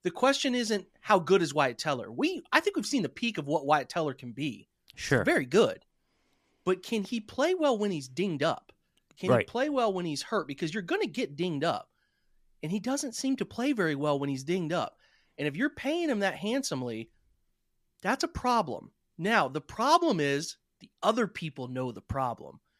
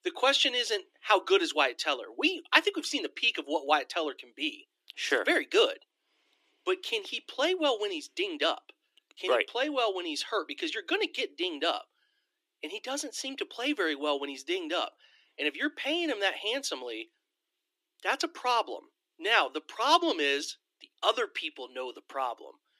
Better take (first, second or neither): first